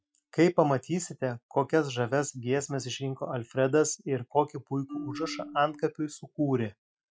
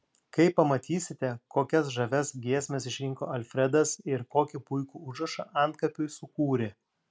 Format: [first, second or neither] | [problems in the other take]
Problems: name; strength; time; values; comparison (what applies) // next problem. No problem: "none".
second | noise reduction (classical method Wiener filter)